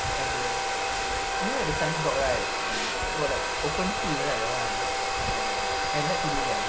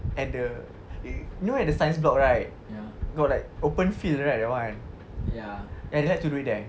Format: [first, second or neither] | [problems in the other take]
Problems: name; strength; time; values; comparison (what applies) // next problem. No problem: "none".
second | background sound (Domestic sounds, home sounds); 5 dB above the speech